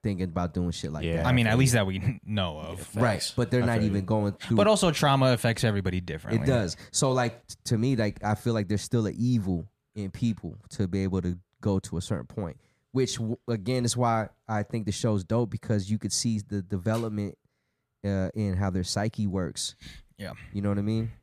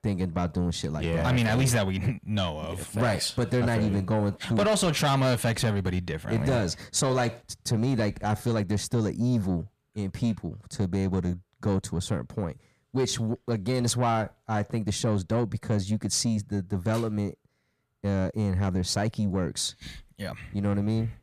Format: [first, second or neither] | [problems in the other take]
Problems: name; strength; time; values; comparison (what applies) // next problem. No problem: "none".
first | distortion; slight; 10 dB below the speech